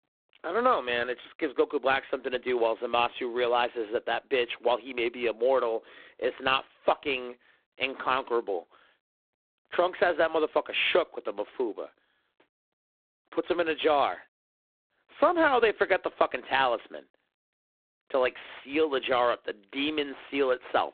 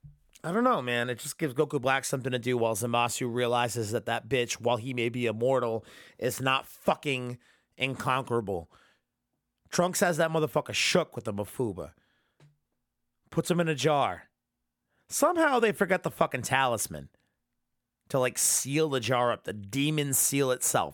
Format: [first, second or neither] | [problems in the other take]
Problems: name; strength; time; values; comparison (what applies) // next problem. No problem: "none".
second | phone-call audio; poor line